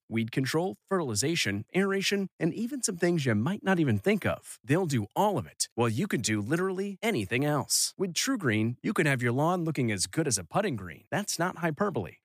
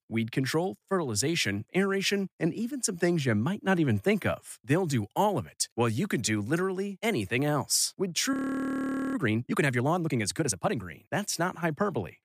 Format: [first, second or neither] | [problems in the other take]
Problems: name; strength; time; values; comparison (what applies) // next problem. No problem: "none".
first | audio freezing; at 8.5 s for 1 s